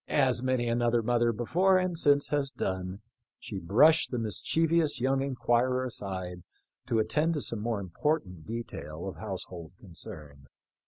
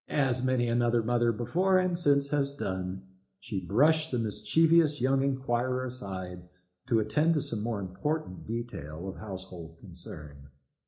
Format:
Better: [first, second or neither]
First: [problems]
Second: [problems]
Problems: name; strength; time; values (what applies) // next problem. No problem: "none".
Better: first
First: none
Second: room echo; dies away in 0.4 s